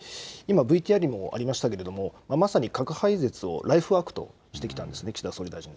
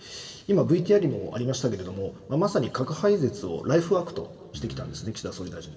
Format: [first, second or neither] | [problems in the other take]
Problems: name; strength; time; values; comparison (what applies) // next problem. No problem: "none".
first | room echo; dies away in 1.4 s